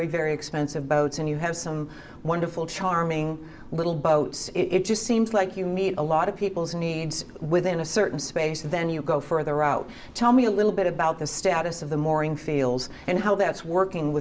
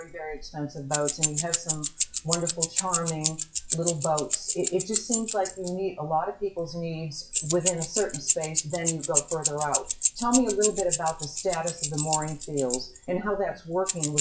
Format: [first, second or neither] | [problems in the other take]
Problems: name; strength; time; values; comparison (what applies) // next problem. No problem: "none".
first | noise reduction (classical method WPE with log-MMSE)